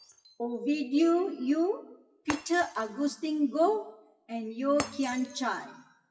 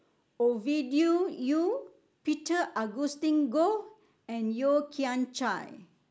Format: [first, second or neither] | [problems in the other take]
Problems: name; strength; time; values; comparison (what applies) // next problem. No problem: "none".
second | noise reduction (classical method WPE with log-MMSE)